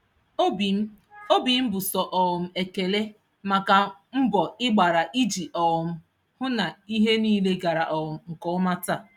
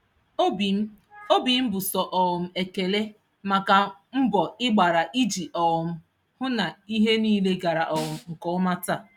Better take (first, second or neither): first